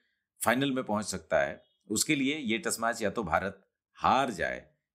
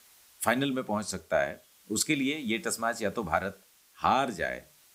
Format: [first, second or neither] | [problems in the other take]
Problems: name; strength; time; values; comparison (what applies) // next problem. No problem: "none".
first | hiss; faint; throughout; 25 dB below the speech